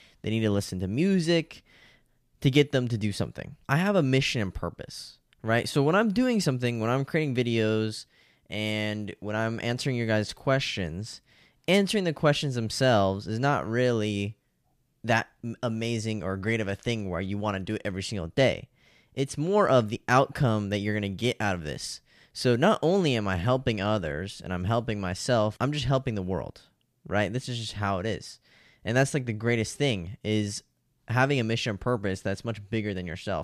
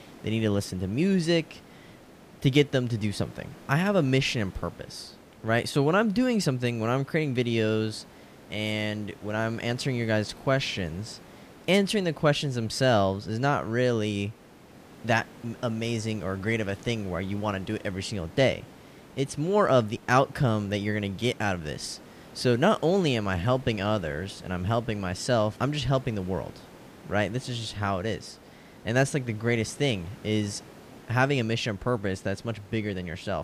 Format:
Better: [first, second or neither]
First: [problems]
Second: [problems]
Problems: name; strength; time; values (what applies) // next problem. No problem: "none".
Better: first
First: none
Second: hiss; faint; throughout; 20 dB below the speech